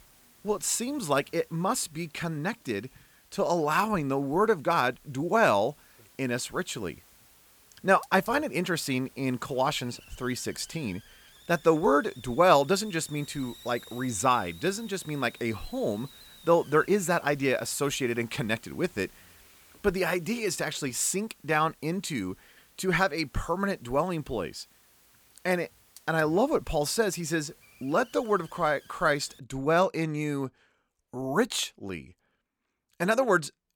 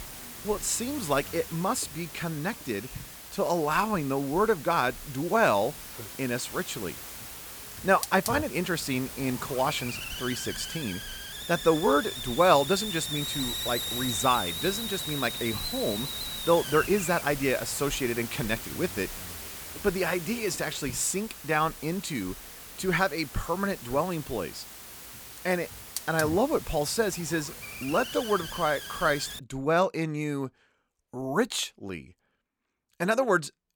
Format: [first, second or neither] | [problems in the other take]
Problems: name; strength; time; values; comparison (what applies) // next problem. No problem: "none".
first | hiss; loud; until 29 s; 8 dB below the speech; faint in the first